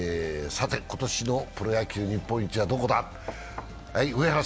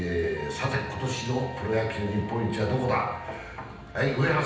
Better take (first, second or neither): first